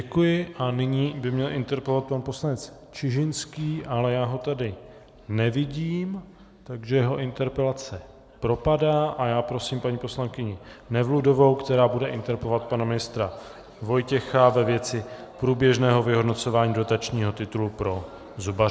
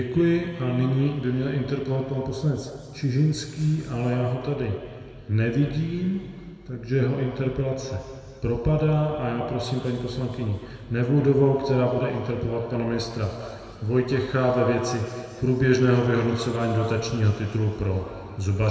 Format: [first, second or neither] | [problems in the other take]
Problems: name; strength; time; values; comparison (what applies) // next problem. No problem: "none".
first | room echo; dies away in 2.2 s